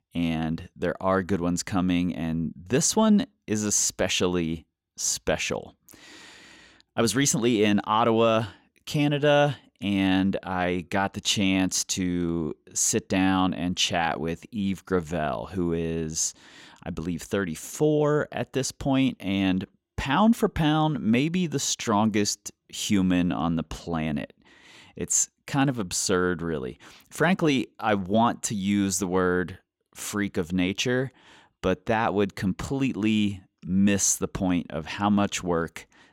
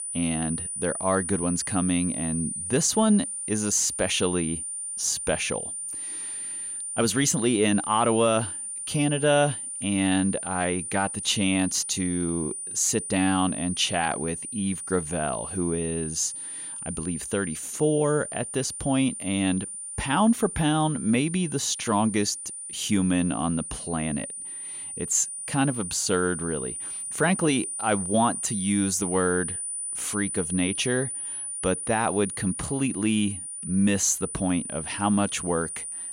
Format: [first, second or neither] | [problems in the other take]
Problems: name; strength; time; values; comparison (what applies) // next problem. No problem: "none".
first | high-pitched whine; loud; throughout; 9 kHz, 6 dB below the speech